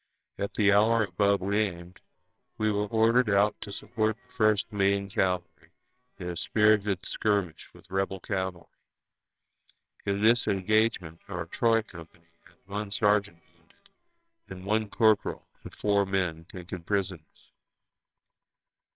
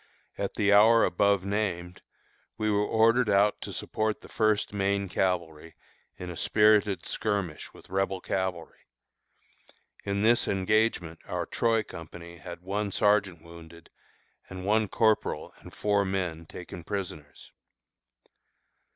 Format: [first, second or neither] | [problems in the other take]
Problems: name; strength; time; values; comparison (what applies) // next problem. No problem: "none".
second | noise reduction (neural separator model SepFormer WHAMR!)